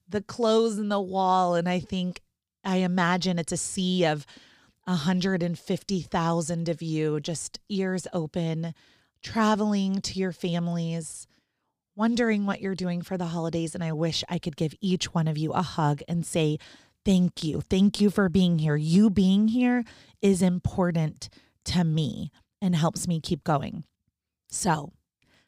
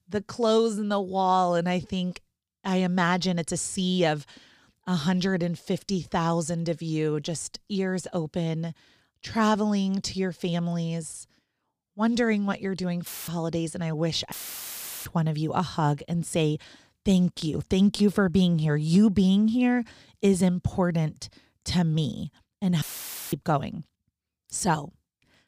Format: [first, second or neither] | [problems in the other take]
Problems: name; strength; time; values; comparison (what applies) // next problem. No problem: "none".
first | audio cutting out; filled with static; at 13 s, at 14 s for 0.5 s and at 23 s for 0.5 s